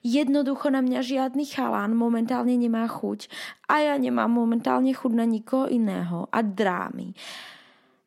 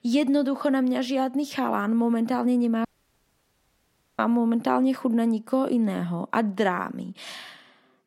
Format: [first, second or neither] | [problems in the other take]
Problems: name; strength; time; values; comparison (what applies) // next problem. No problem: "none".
first | audio cutting out; at 3 s for 1.5 s